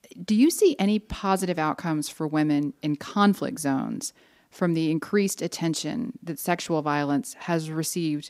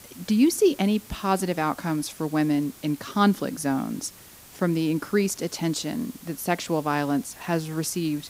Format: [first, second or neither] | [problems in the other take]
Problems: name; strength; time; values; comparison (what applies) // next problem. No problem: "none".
first | hiss; noticeable; throughout; 20 dB below the speech